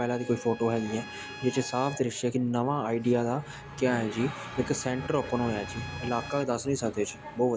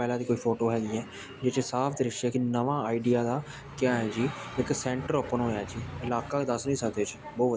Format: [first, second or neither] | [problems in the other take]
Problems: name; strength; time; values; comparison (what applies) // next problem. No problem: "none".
second | background sound (Trumpet); 18 dB below the speech